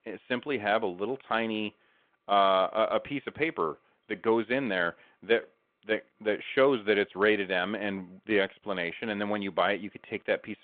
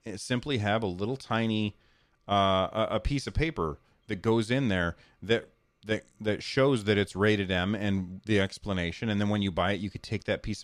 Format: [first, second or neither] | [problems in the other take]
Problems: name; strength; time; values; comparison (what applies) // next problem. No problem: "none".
second | phone-call audio